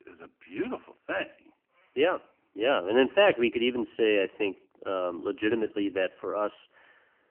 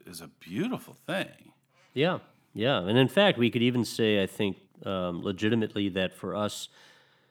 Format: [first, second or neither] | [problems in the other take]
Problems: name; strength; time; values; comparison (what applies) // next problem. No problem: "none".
second | phone-call audio; poor line; nothing above 3 kHz